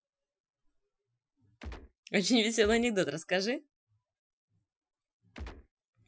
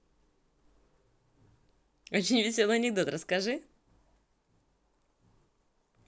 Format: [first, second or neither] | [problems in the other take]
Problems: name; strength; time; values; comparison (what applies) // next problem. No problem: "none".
second | noise reduction (classical method Wiener filter)